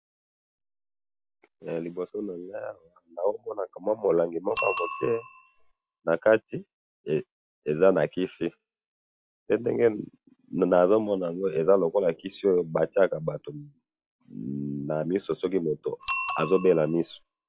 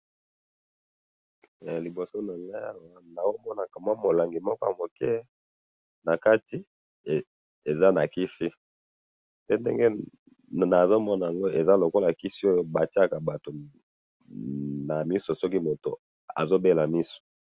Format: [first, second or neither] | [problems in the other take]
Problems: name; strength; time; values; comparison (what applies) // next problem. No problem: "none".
second | noise reduction (classical method log-MMSE)